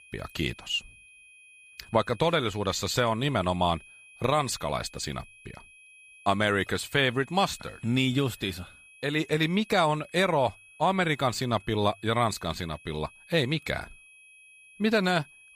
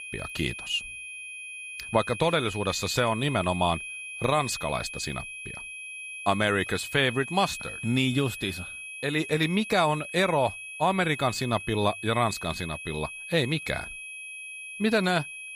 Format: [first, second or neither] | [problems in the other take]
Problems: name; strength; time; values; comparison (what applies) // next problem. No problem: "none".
first | high-pitched whine; loud; throughout; 2.5 kHz, 9 dB below the speech; faint in the first